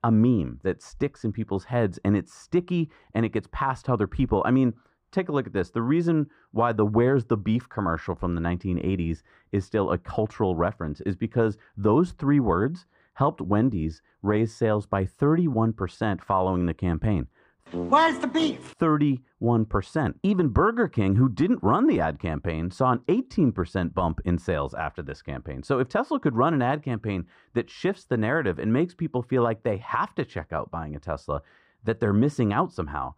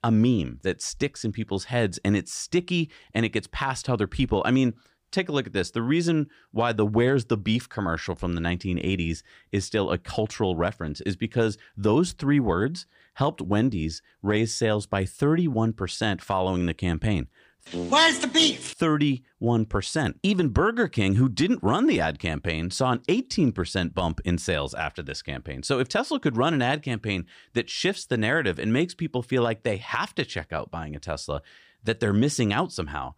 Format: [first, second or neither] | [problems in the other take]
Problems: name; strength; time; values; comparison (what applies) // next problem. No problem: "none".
second | muffled; very; fading above 2 kHz